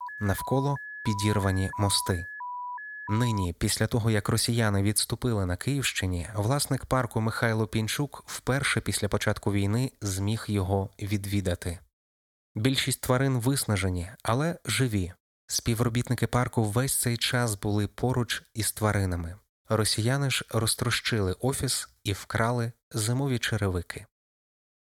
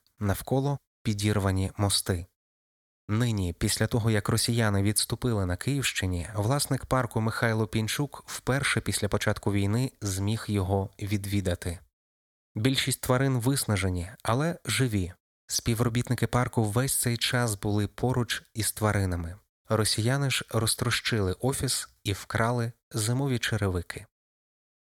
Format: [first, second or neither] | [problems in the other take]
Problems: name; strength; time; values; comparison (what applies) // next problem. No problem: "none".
second | alarm; noticeable; until 3.5 s; peak 8 dB below the speech